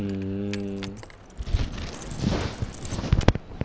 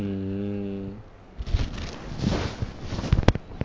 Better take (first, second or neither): second